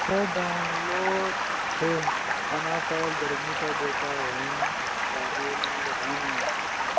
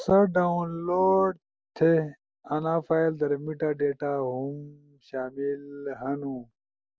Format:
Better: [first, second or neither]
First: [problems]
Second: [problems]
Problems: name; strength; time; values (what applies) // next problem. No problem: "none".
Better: second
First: background sound (Stream); 5 dB above the speech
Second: none